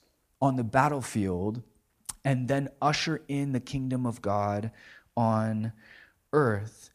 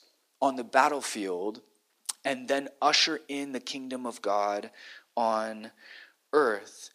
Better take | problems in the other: first | thin; somewhat; fading below 300 Hz

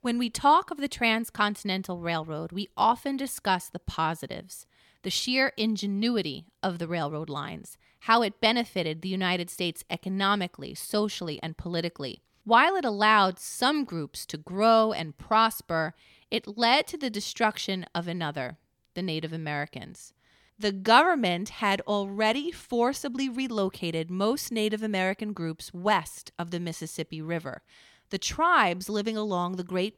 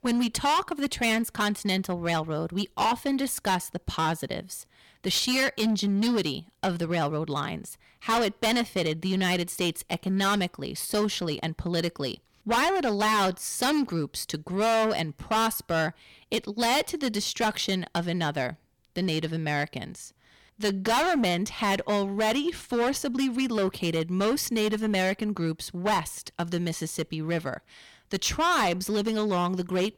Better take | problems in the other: first | distortion; heavy; 13% of the sound clipped

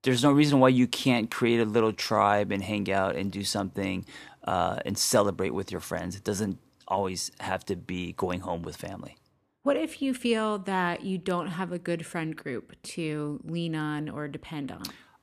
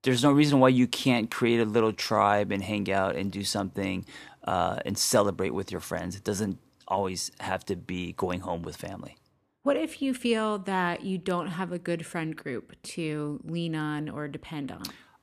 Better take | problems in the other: neither | none

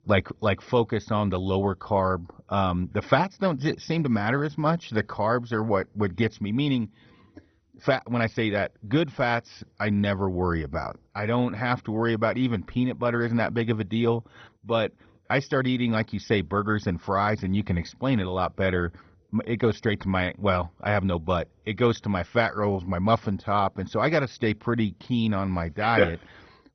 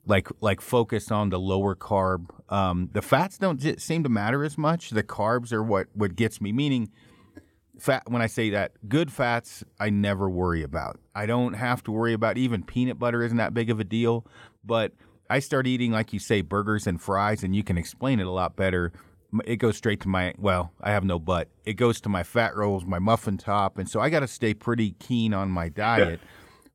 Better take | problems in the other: second | garbled, watery; badly; nothing above 6 kHz

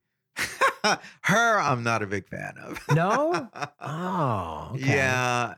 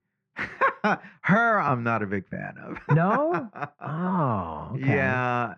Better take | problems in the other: first | muffled; very; fading above 1.5 kHz

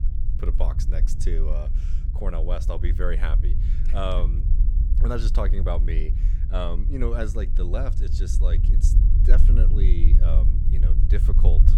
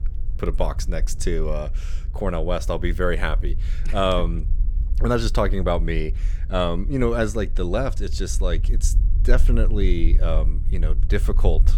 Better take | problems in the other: second | low rumble; loud; throughout; 8 dB below the speech; faint in the second

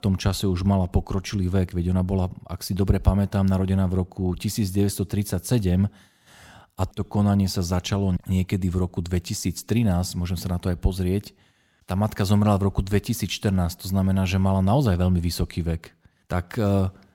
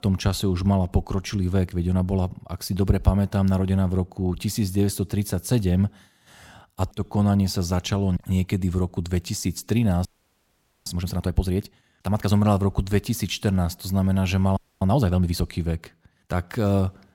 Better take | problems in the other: first | audio freezing; at 10 s for 1 s and at 15 s

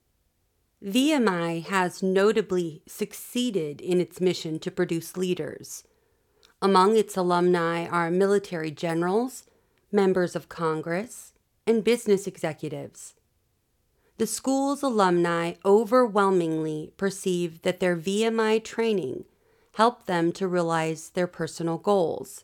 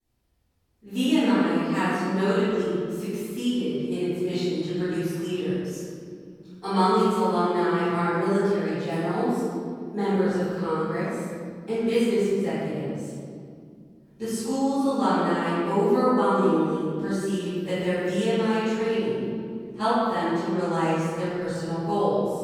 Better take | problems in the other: first | room echo; strong; dies away in 2.3 s // off-mic speech; far

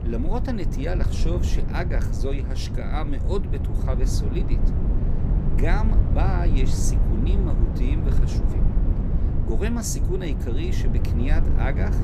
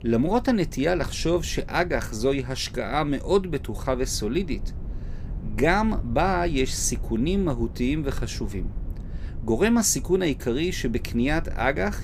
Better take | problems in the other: second | low rumble; loud; throughout; 4 dB below the speech; faint in the second

